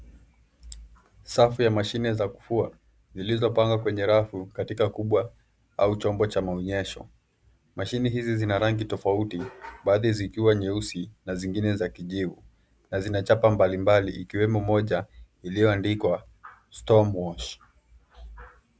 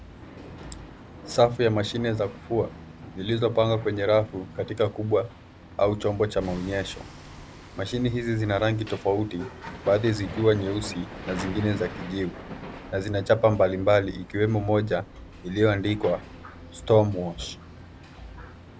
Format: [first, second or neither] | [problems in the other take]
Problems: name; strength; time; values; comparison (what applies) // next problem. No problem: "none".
first | background sound (Hammer); 15 dB below the speech